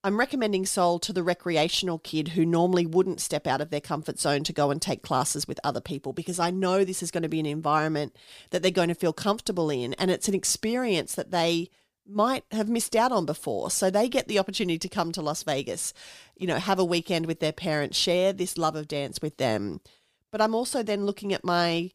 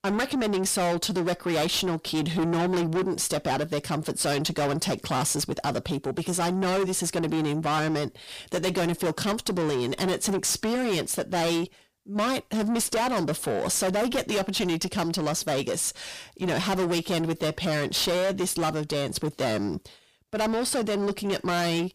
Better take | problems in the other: first | distortion; heavy; 6 dB below the speech

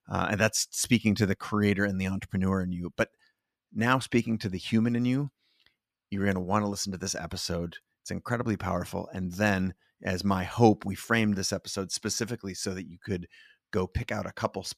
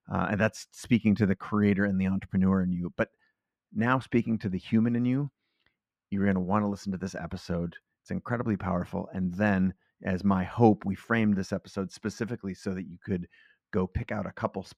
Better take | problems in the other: first | muffled; slightly; fading above 3.5 kHz

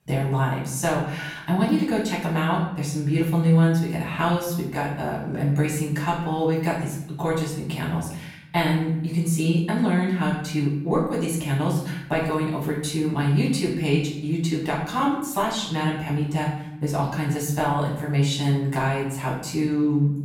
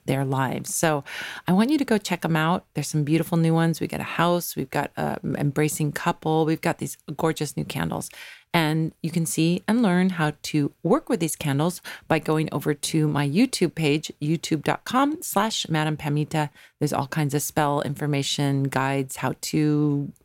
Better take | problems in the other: second | off-mic speech; far // room echo; noticeable; dies away in 0.8 s

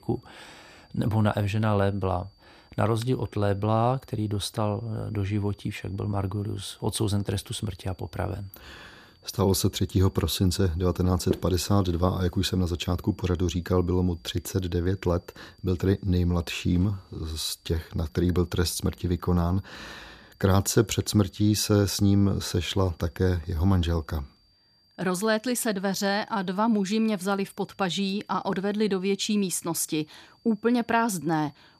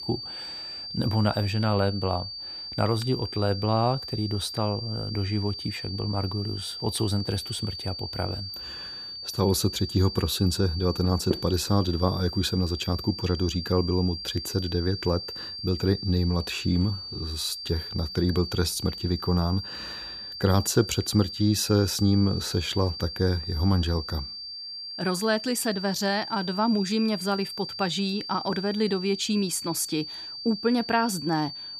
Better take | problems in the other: first | high-pitched whine; loud; throughout; 4.5 kHz, 8 dB below the speech; faint in the first

